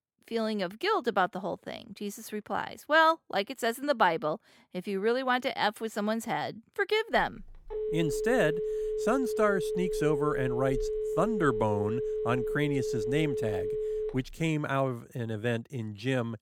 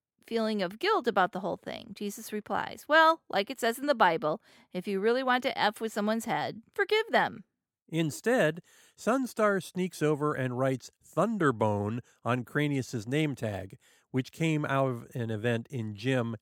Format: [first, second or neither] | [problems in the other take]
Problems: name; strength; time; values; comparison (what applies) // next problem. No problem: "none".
second | phone ringing; noticeable; from 7 to 14 s; peak 2 dB below the speech